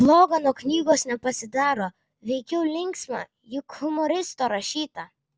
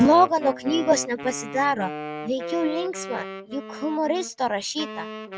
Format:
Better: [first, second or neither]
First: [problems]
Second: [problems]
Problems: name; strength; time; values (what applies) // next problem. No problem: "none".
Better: first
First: none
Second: background sound (Wind instrument, woodwind instrument); 10 dB below the speech